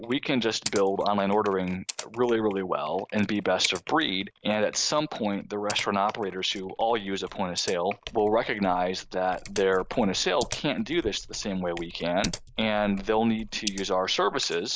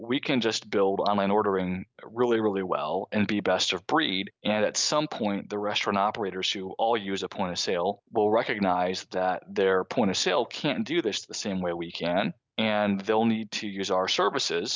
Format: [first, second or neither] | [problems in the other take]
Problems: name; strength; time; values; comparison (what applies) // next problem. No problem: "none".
second | noise reduction (neural mask model Resemble Enhance denoiser)